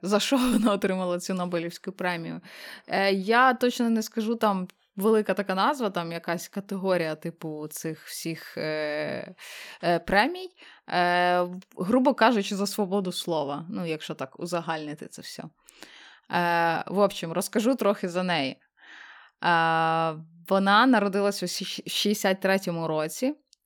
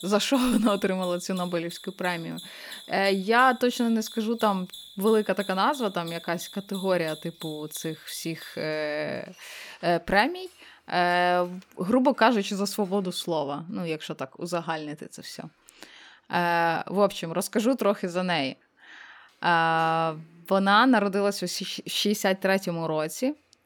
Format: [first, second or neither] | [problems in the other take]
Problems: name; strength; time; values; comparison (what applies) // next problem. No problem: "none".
first | machinery noise; noticeable; throughout; 20 dB below the speech